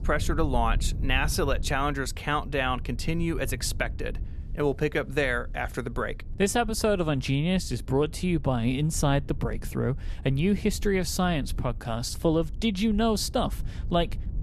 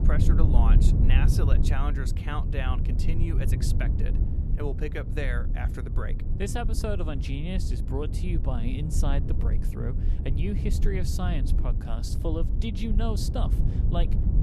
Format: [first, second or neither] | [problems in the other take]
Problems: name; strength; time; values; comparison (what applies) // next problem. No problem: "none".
first | low rumble; loud; throughout; 5 dB below the speech; faint in the first